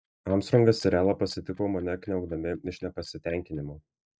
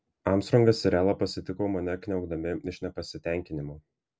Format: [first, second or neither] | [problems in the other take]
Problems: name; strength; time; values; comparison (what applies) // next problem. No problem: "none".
second | noise reduction (neural mask model DeepFilterNet 3)